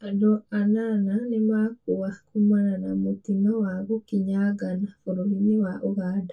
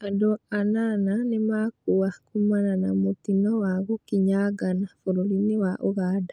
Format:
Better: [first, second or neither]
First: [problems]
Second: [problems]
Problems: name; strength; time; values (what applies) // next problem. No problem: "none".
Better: second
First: room echo; dies away in 0.1 s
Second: none